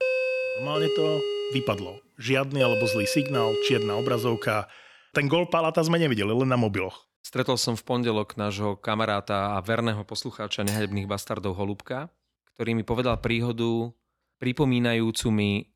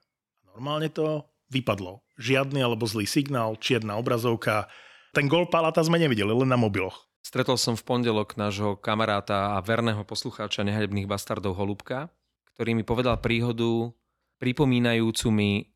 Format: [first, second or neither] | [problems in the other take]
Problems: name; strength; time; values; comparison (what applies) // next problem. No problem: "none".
second | doorbell; loud; until 4.5 s; peak 2 dB above the speech // clattering dishes; noticeable; at 11 s; peak 9 dB below the speech